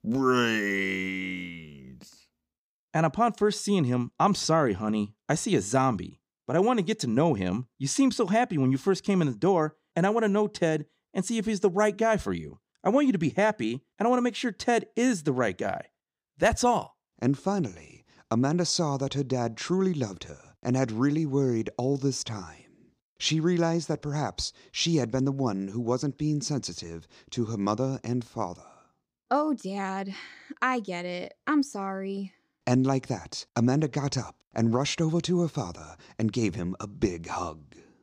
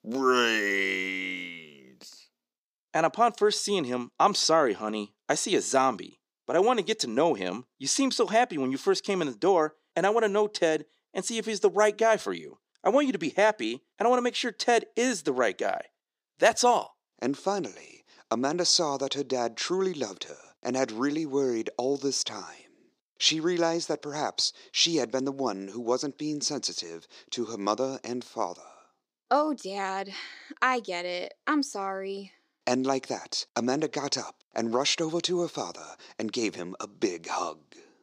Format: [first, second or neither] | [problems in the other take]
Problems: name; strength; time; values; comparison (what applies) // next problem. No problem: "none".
first | thin; somewhat; fading below 400 Hz